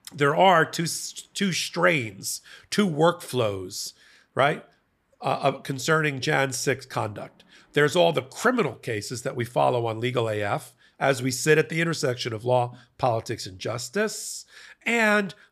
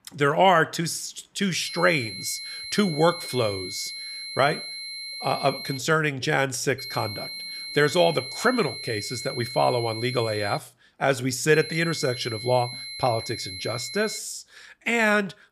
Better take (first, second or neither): first